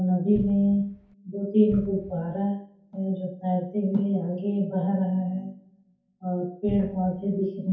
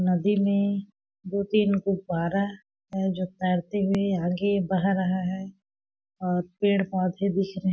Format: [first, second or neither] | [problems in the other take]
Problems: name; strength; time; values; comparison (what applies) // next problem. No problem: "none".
second | background sound (Cupboard open or close); 14 dB below the speech // room echo; dies away in 0.6 s